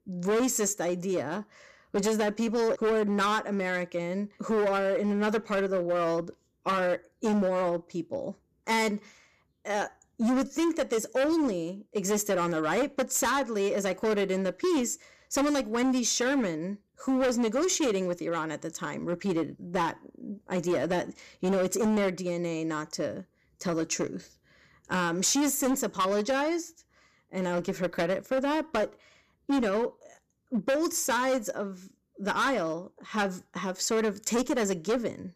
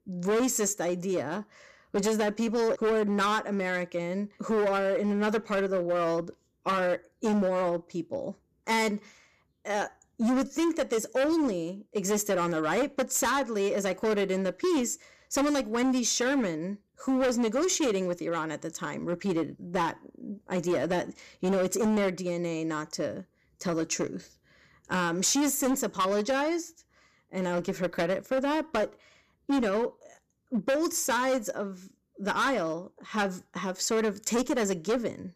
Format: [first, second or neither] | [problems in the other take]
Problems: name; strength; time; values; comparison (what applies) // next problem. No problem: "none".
neither | distortion; heavy; 13% of the sound clipped; the same in both